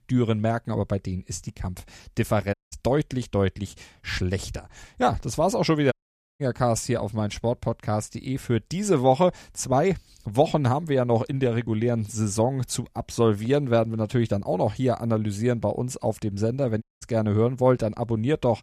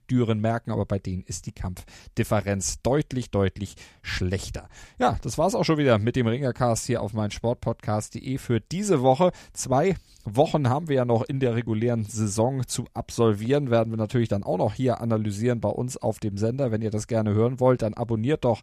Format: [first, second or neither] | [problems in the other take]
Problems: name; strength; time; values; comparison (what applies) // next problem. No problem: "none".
second | audio cutting out; at 2.5 s, at 6 s and at 17 s